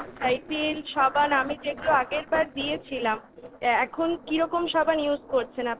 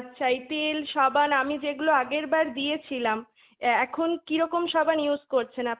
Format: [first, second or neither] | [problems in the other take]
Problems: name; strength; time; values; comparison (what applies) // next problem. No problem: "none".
second | noise reduction (neural separator model SepFormer DNS4)